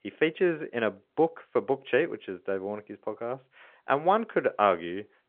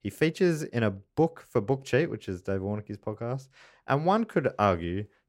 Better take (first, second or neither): second